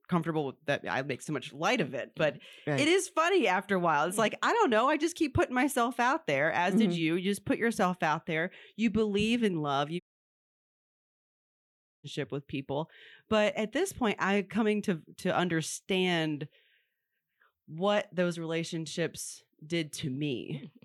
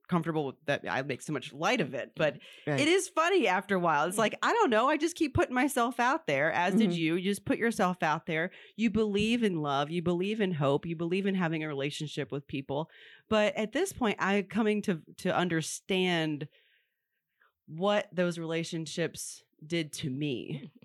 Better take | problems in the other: second | audio cutting out; at 10 s for 2 s

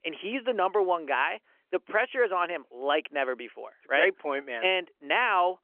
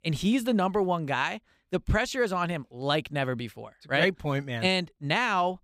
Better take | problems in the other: second | phone-call audio; nothing above 3 kHz

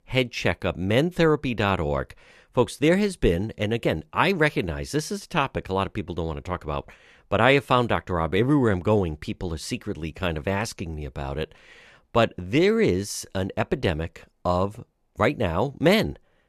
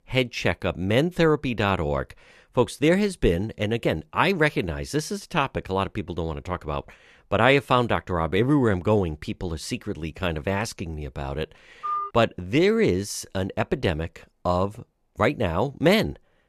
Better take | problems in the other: first | phone ringing; noticeable; at 12 s; peak 4 dB below the speech

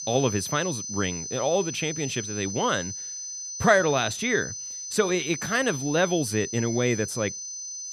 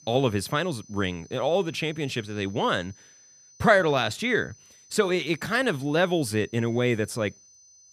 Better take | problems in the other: second | high-pitched whine; loud; throughout; 6 kHz, 7 dB below the speech; faint in the second

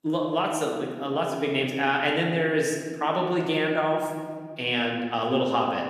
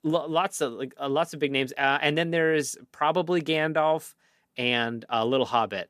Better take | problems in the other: second | room echo; noticeable; dies away in 1.6 s // off-mic speech; somewhat distant

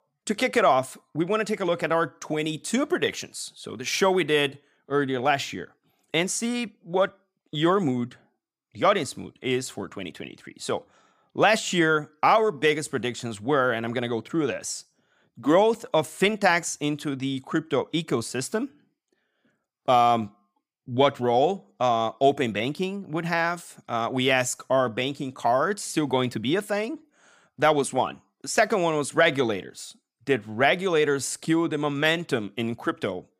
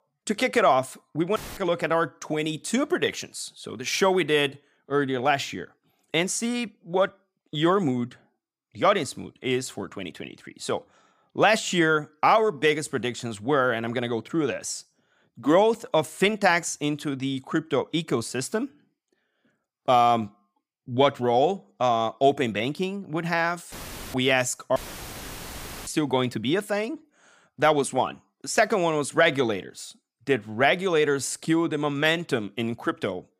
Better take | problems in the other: first | audio cutting out; filled with static; at 1.5 s, at 24 s and at 25 s for 1 s

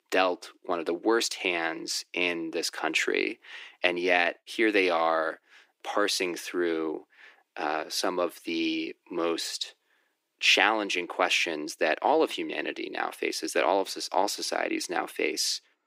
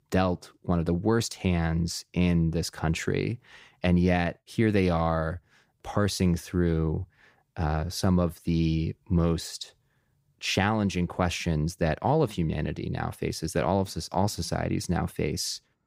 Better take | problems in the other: second | thin; very; fading below 300 Hz

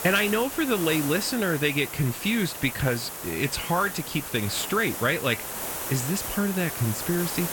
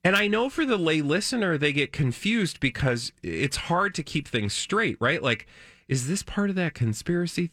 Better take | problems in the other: second | hiss; loud; throughout; 6 dB below the speech

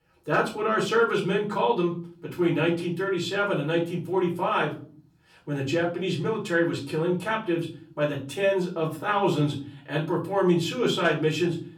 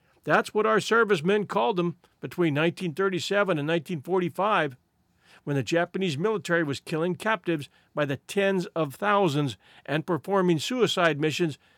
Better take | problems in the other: second | off-mic speech; far // room echo; slight; dies away in 0.4 s

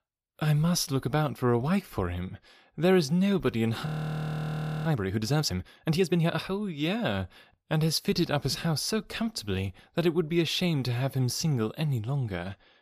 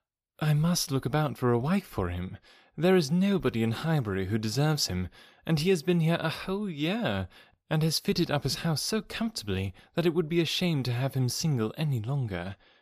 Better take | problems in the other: second | audio freezing; at 4 s for 1 s

